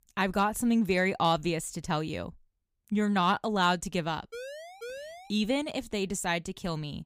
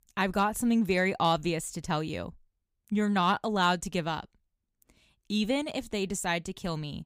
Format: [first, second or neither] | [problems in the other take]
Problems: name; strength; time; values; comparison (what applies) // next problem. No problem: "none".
second | siren; faint; at 4.5 s; peak 10 dB below the speech